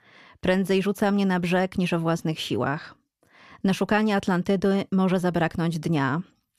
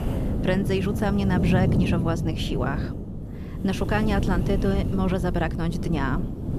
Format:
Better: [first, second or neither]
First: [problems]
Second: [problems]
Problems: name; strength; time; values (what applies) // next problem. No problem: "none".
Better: first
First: none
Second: wind noise on the microphone; heavy; 6 dB below the speech